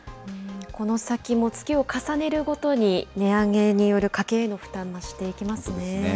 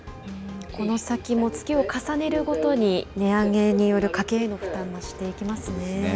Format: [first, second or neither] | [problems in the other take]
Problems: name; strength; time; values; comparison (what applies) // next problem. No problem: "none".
first | background sound (Subway, metro, underground); 10 dB below the speech